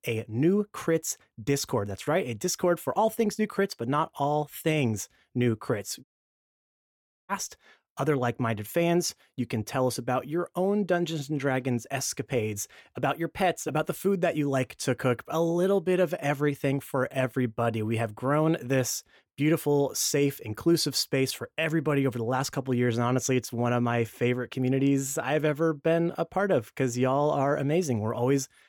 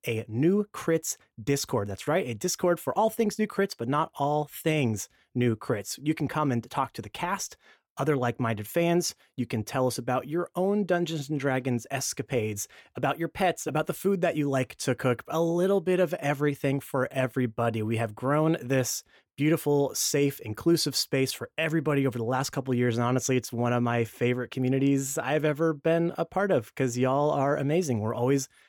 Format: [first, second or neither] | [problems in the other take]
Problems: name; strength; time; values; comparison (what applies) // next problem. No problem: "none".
second | audio cutting out; at 6 s for 1 s